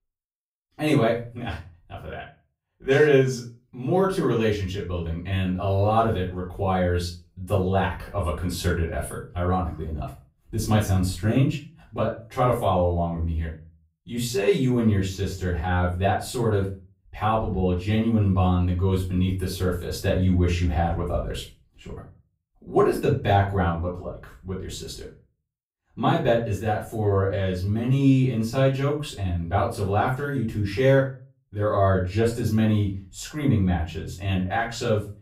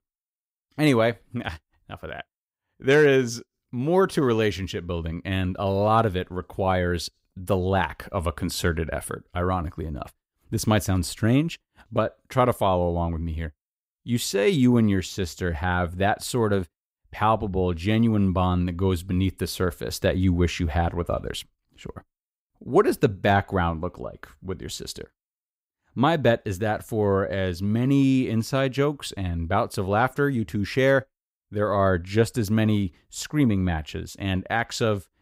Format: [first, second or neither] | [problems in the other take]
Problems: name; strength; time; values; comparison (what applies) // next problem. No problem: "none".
second | off-mic speech; far // room echo; slight; dies away in 0.3 s